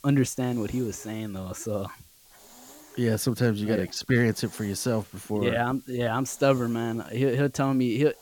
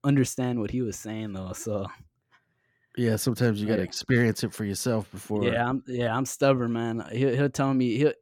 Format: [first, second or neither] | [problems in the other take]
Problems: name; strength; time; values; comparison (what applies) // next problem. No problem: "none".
second | hiss; faint; throughout; 25 dB below the speech